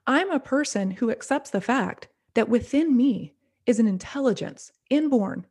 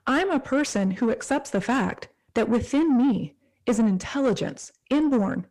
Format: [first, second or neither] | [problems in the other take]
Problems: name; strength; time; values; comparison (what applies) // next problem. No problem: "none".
first | distortion; slight; 10 dB below the speech